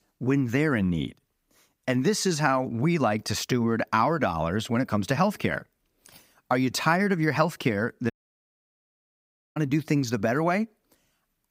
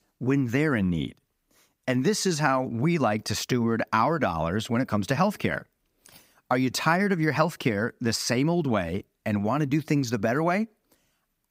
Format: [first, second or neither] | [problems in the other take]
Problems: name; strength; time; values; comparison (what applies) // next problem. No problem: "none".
second | audio cutting out; at 8 s for 1.5 s